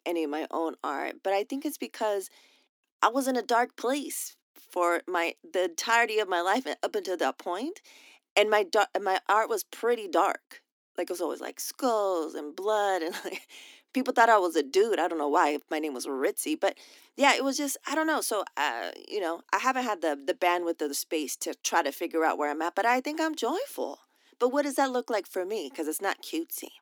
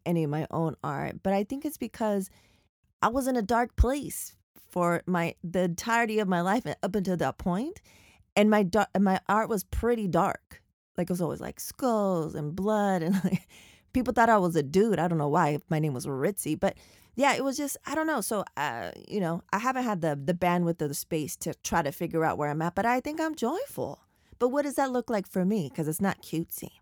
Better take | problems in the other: second | thin; somewhat; fading below 250 Hz

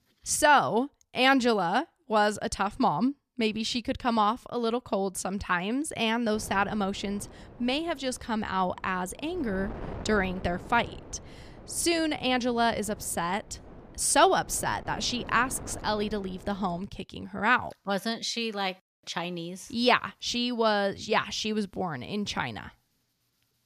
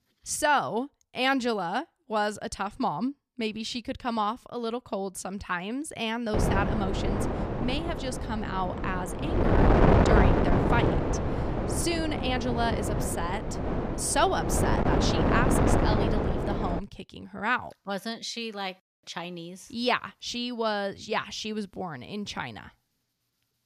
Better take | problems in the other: first | wind noise on the microphone; heavy; from 6.5 to 17 s; as loud as the speech; occasional gusts in the first

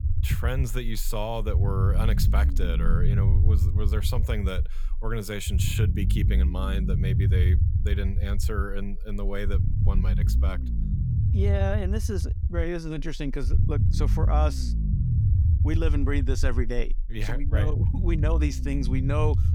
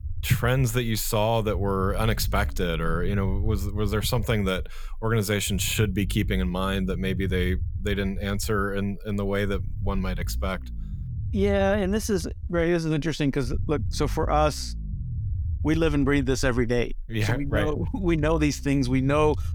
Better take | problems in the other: second | low rumble; loud; throughout; 6 dB below the speech; faint in the second

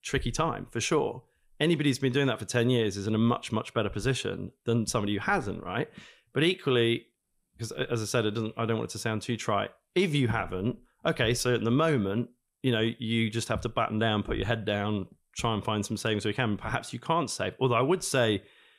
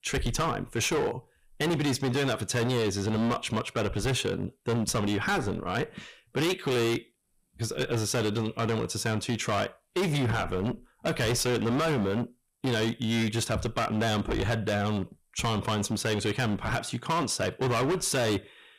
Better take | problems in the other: first | distortion; heavy; 21% of the sound clipped

